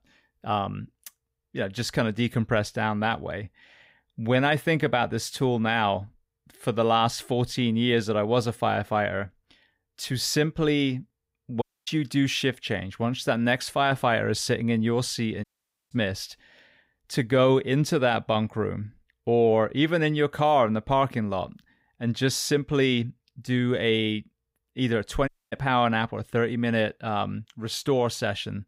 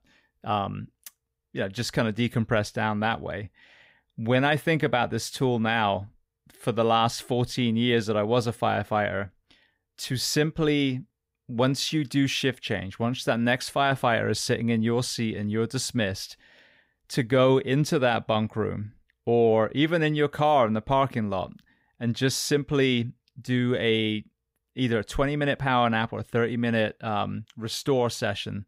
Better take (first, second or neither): second